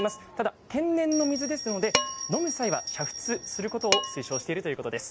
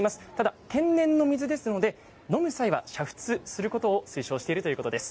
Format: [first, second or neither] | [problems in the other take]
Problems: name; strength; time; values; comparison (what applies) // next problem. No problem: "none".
second | background sound (Bell + Dishes, pots, and pans); 4 dB below the speech